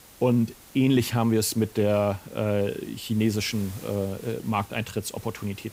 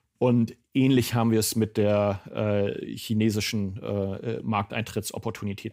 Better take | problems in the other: second | hiss; faint; throughout; 20 dB below the speech

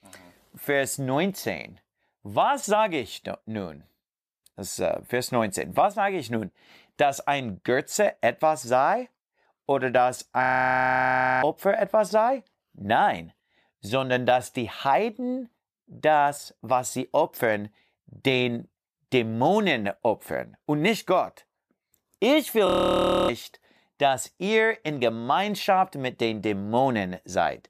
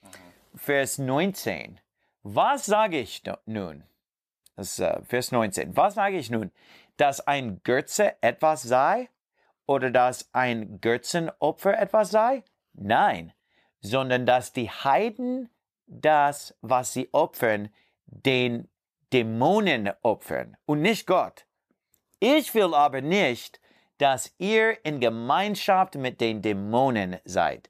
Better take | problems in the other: second | audio freezing; at 10 s for 1 s and at 23 s for 0.5 s

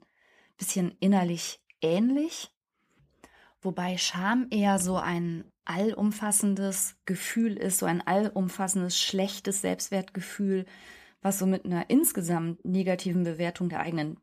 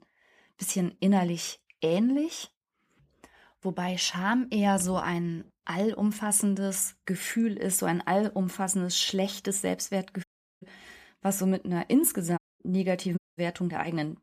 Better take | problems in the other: first | audio cutting out; at 10 s, at 12 s and at 13 s

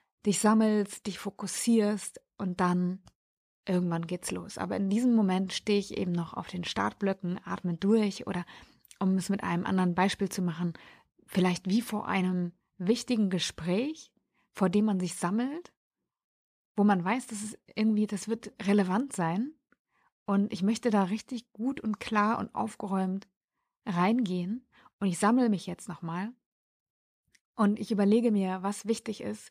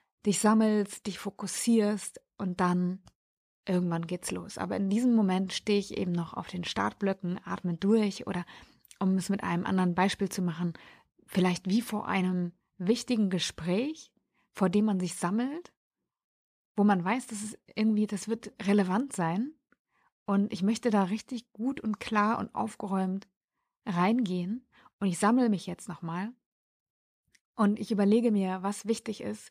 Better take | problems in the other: neither | none

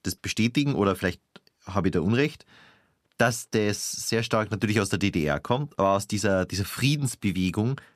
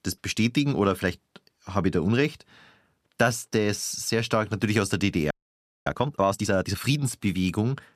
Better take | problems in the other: first | audio freezing; at 5.5 s for 0.5 s

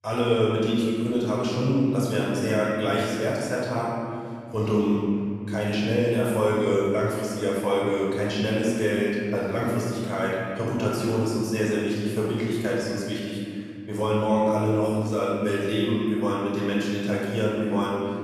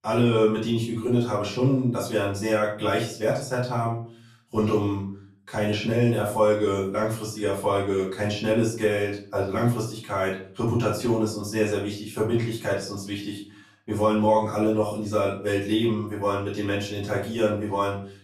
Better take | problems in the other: second | room echo; strong; dies away in 2.5 s; slight in the second // off-mic speech; far; far in the second

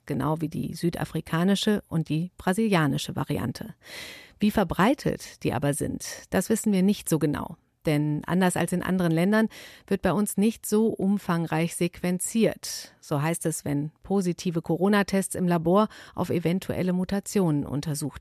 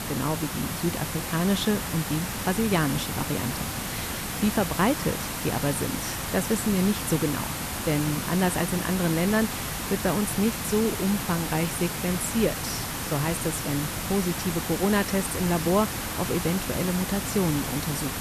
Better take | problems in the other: first | hiss; loud; throughout; 3 dB below the speech

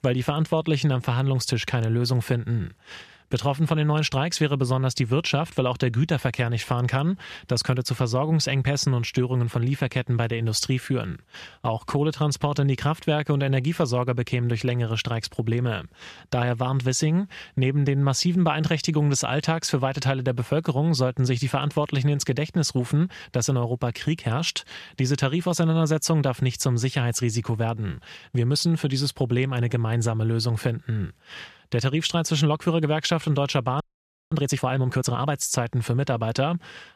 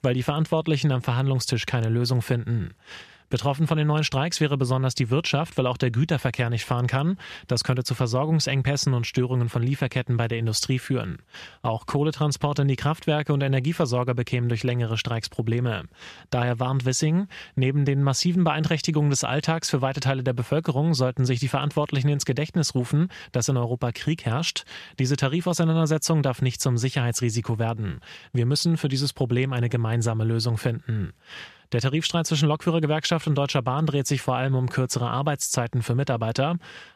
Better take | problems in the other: second | audio freezing; at 34 s for 0.5 s

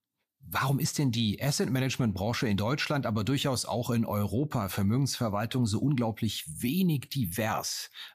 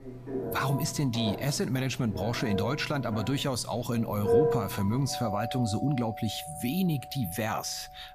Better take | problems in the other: first | alarms or sirens; loud; throughout; 5 dB below the speech

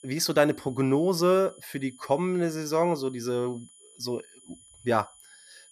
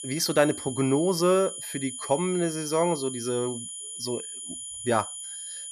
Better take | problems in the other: first | high-pitched whine; loud; throughout; 10 kHz, 8 dB below the speech; faint in the first

